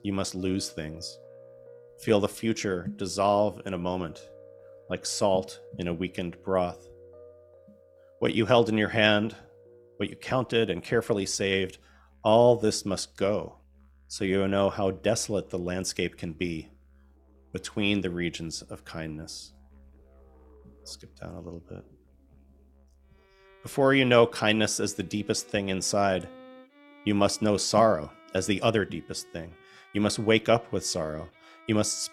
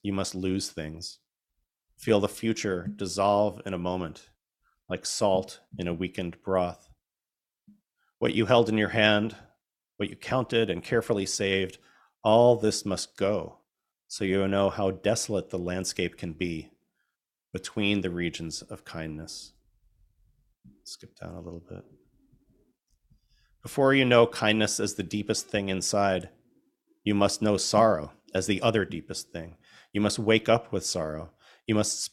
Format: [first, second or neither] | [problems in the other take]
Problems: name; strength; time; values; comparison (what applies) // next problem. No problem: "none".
second | background music; faint; throughout; 25 dB below the speech